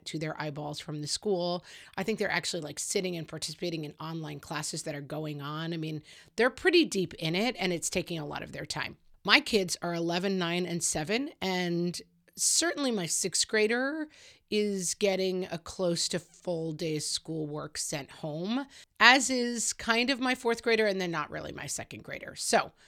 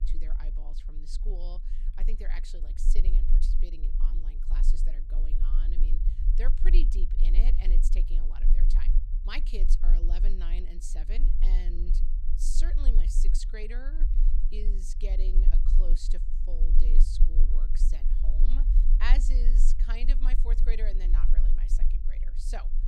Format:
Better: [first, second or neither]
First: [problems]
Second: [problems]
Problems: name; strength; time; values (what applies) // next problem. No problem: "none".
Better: first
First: none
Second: low rumble; loud; throughout; 9 dB below the speech